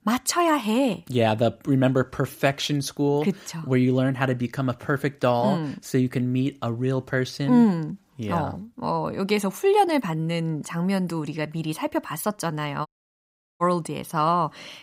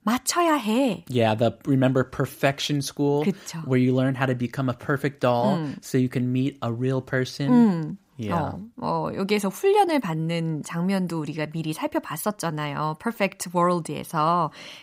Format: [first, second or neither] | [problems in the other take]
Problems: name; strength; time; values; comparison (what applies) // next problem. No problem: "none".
second | audio cutting out; at 13 s for 0.5 s